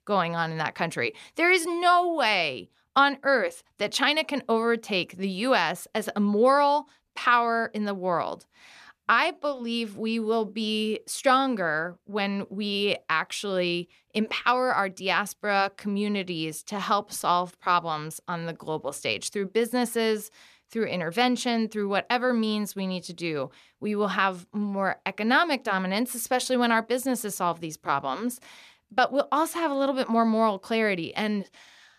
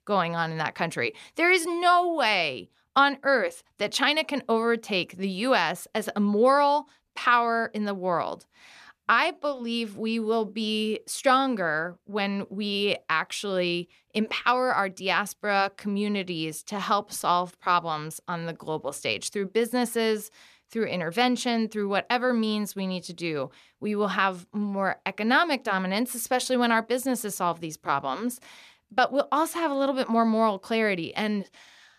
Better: neither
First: none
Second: none

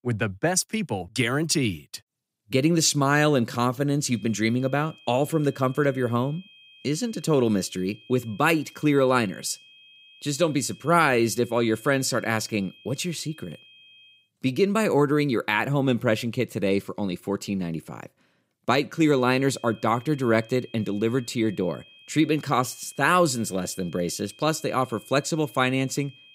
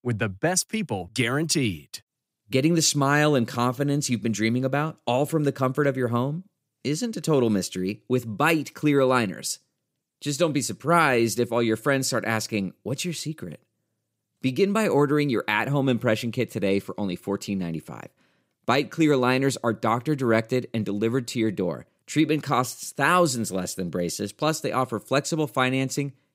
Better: second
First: high-pitched whine; faint; from 4 to 14 s and from 19 s on; 3 kHz, 25 dB below the speech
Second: none

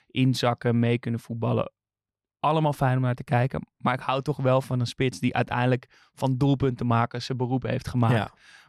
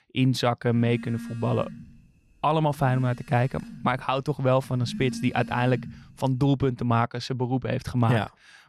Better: first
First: none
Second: phone ringing; noticeable; from 0.5 to 6 s; peak 9 dB below the speech

